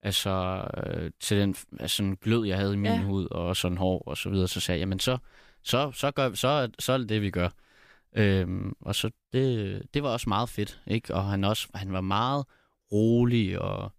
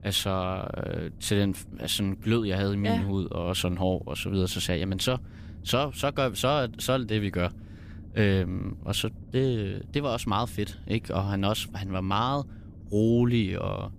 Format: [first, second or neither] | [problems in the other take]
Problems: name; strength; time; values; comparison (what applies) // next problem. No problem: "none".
first | low rumble; faint; throughout; 25 dB below the speech